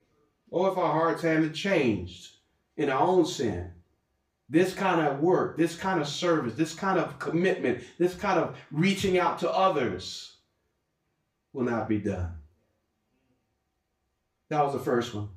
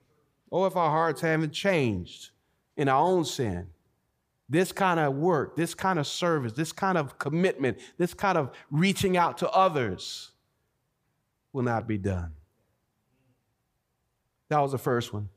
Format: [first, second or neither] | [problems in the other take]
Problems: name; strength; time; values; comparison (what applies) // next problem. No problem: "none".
second | room echo; slight; dies away in 0.3 s // off-mic speech; far